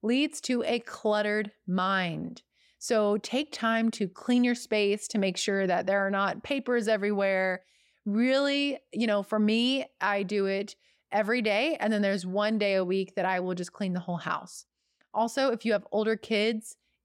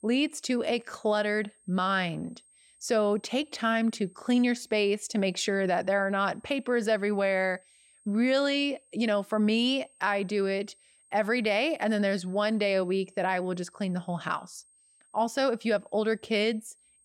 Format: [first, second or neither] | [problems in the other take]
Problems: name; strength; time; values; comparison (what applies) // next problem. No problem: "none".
first | high-pitched whine; faint; throughout; 8.5 kHz, 30 dB below the speech